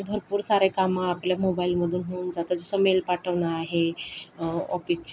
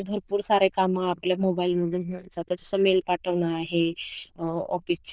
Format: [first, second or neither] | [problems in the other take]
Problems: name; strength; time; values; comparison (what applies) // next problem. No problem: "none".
first | noise reduction (neural diffusion model UNIVERSE++)